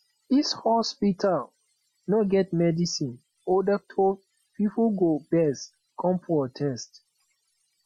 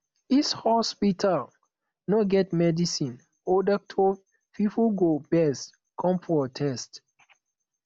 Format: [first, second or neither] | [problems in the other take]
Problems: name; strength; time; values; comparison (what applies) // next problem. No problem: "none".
second | noise reduction (classical method Wiener filter)